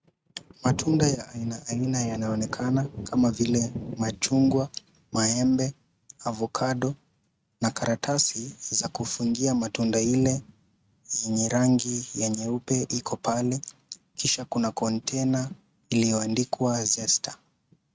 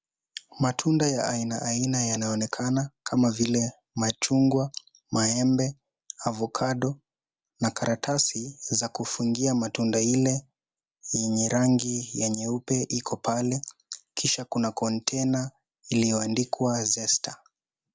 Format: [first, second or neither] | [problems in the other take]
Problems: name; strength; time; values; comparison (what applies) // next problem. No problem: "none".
second | noise reduction (neural mask model RNNoise)